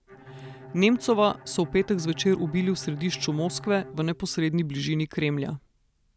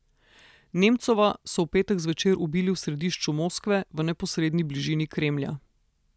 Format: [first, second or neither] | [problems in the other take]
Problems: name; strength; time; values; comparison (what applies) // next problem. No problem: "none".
second | background sound (Bowed string instrument); 18 dB below the speech